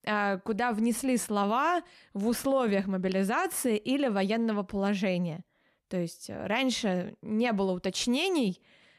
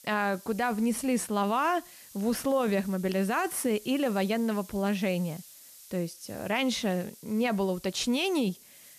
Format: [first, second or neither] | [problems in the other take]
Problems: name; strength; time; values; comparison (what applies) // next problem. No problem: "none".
first | hiss; noticeable; throughout; 20 dB below the speech